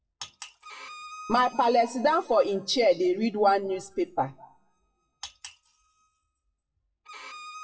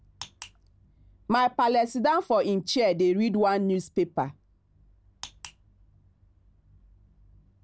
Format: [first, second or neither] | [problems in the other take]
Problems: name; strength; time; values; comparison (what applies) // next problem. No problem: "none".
second | noise reduction (classical method WPE with log-MMSE)